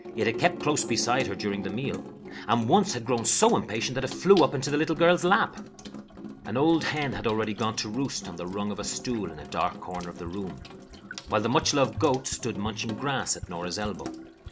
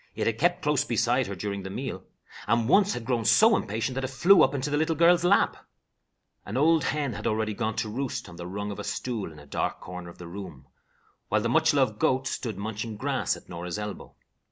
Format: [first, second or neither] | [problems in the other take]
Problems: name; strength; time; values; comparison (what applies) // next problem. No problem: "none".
second | background sound (Sink (filling or washing) / Water tap, faucet); 12 dB below the speech